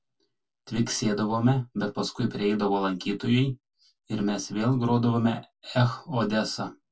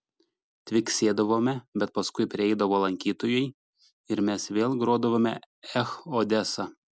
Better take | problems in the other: second | room echo; dies away in 0.1 s

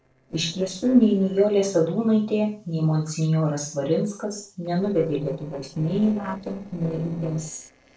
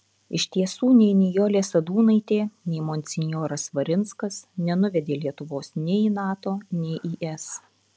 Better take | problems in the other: second | noise reduction (neural separator model SepFormer DNS4)

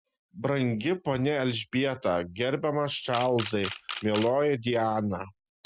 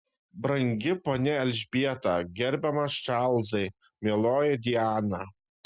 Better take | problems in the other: second | background sound (Camera); 12 dB below the speech

